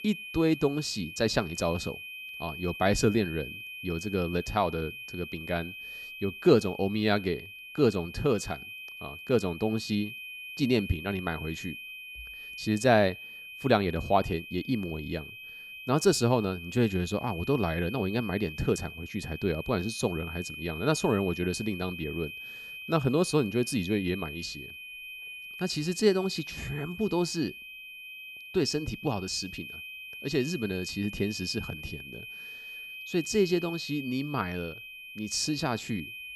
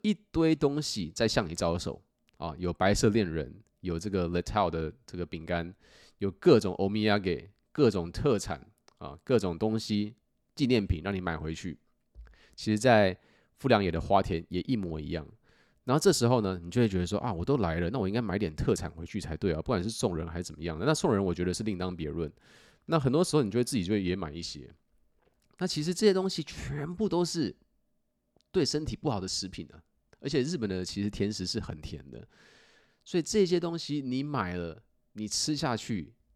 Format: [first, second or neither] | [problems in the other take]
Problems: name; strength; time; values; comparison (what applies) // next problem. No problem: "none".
second | high-pitched whine; noticeable; throughout; 2.5 kHz, 10 dB below the speech